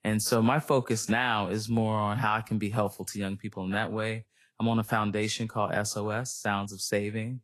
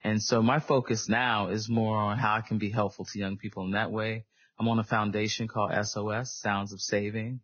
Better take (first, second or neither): first